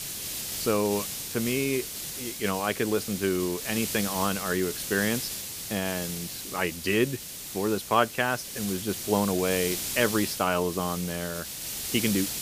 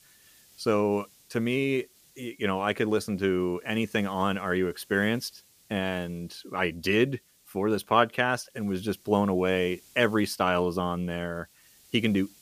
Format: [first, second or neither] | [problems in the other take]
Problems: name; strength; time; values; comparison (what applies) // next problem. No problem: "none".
second | hiss; loud; throughout; 4 dB below the speech; faint in the second